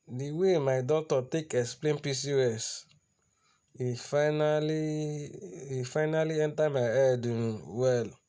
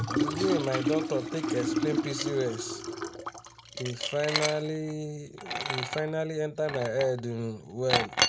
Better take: first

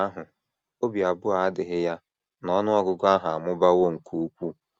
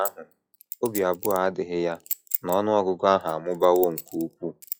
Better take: first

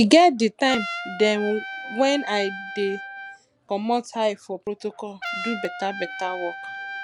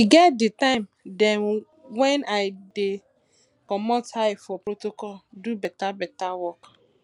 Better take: second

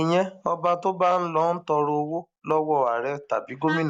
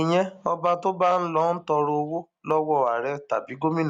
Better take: second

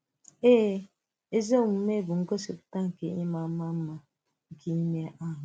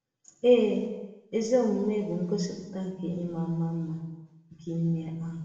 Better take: first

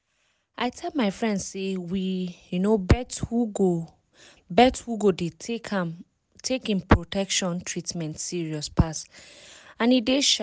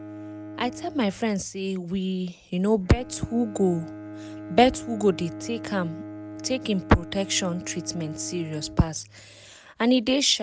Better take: first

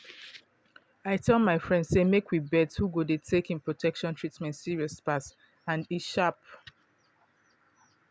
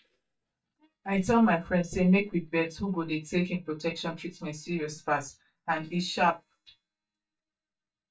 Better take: first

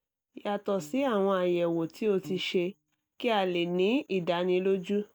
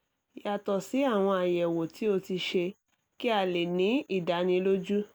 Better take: second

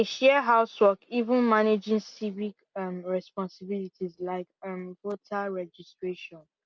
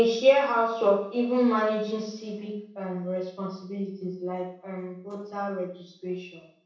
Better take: first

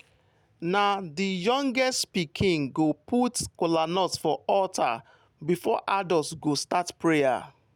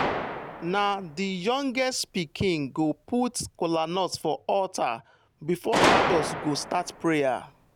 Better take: first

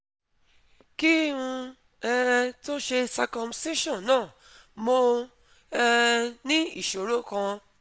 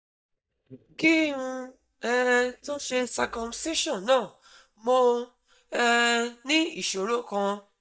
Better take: first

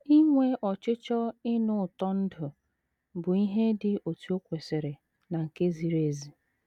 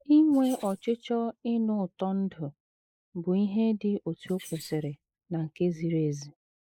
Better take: first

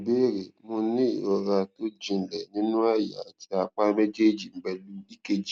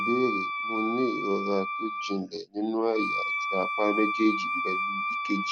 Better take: first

